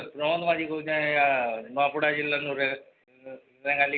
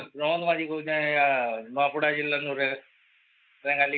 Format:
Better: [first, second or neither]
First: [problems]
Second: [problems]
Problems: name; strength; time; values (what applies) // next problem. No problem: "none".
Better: first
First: none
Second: noise reduction (neural mask model Resemble Enhance denoiser)